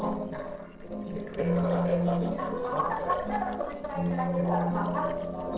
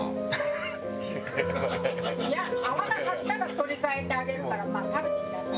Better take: second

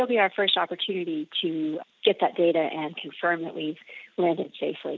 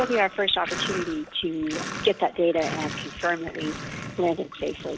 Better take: first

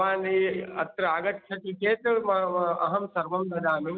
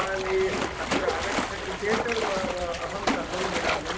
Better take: first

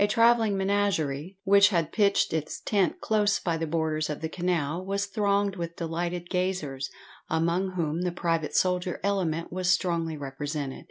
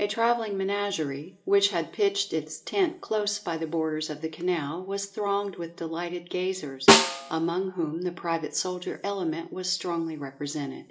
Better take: first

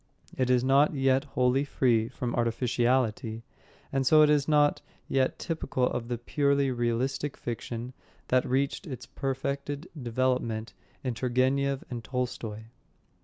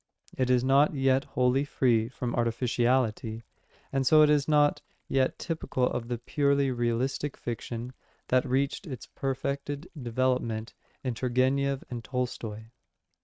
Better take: first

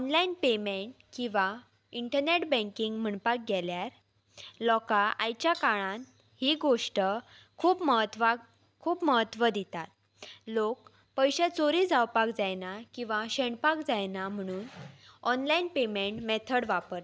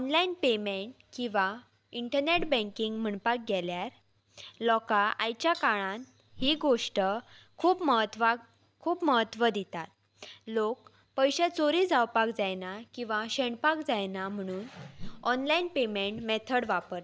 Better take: first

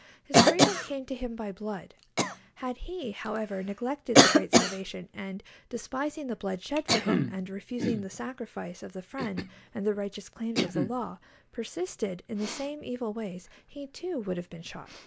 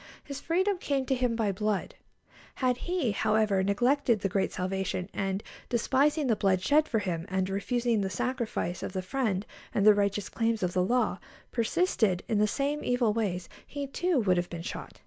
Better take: second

